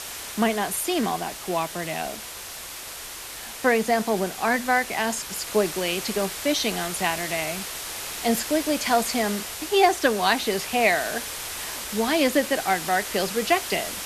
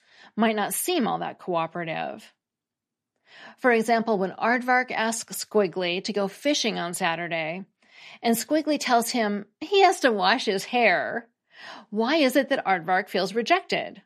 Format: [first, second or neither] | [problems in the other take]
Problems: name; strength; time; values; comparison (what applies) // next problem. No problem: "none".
second | hiss; loud; throughout; 8 dB below the speech